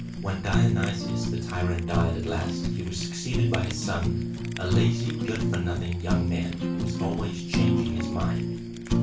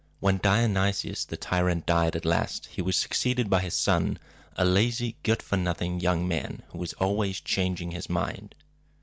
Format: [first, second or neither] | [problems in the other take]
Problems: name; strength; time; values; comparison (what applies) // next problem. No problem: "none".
second | background sound (Fire); 4 dB above the speech // room echo; dies away in 0.3 s